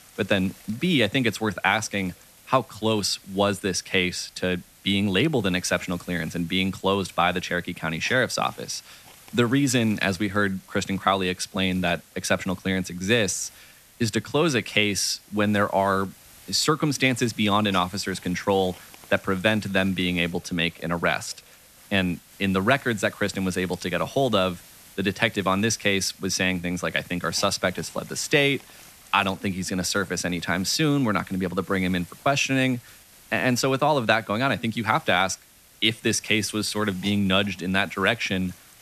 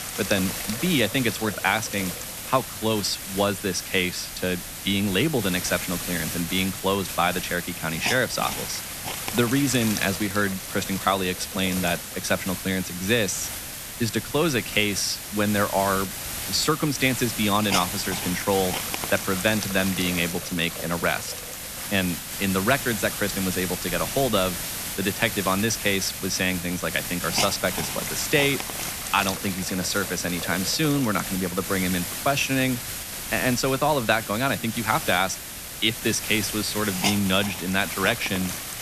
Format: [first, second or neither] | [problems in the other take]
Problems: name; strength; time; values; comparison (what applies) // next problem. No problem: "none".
first | hiss; loud; throughout; 5 dB below the speech; faint in the first